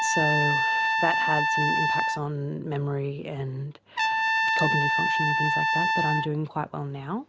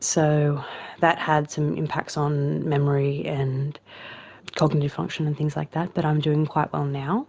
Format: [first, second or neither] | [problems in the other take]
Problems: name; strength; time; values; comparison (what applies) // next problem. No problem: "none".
second | background sound (Trumpet); 4 dB above the speech